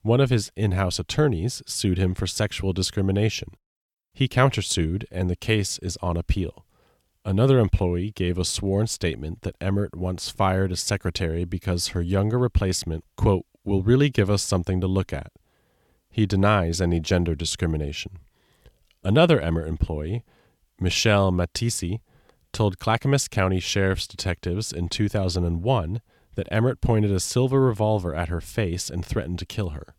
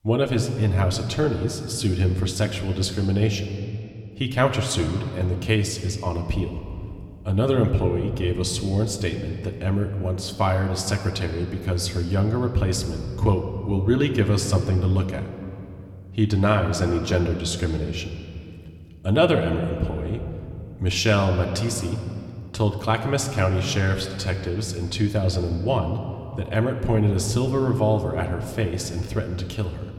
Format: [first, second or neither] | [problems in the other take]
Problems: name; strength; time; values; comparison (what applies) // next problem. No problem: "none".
first | room echo; slight; dies away in 2.3 s